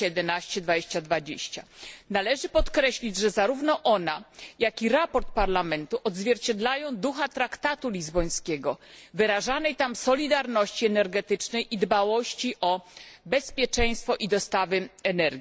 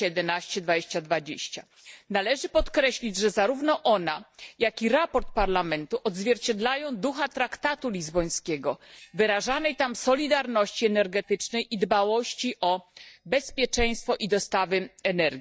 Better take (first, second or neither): first